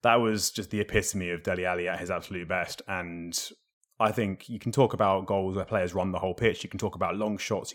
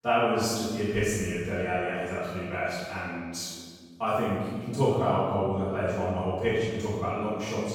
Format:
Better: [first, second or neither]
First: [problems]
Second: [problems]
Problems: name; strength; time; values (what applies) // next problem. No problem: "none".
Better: first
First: none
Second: off-mic speech; far // room echo; strong; dies away in 1.5 s